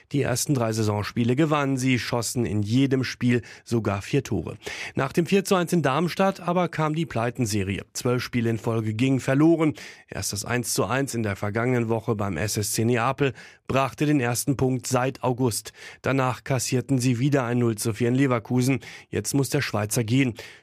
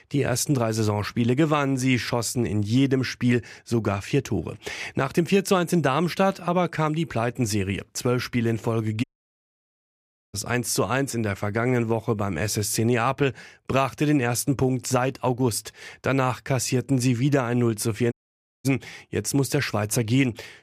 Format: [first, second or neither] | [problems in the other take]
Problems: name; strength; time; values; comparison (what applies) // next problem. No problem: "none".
first | audio cutting out; at 9 s for 1.5 s and at 18 s for 0.5 s